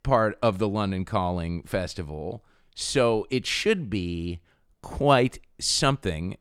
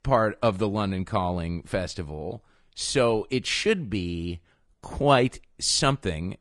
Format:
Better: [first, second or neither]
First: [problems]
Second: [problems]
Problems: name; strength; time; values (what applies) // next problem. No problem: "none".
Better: first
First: none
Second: garbled, watery; slightly